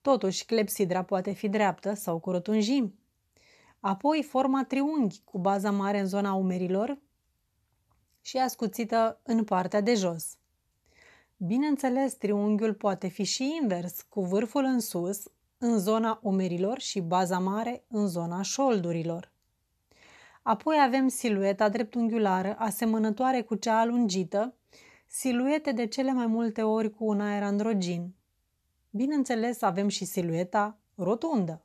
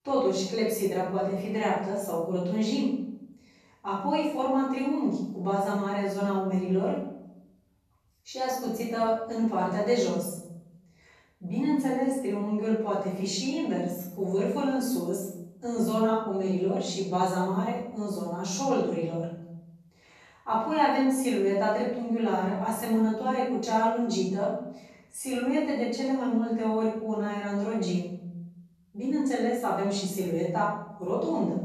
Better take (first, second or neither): first